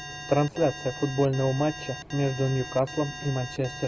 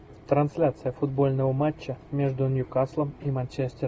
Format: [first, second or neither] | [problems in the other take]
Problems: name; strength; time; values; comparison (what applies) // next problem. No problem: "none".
second | background sound (Alarm); 13 dB below the speech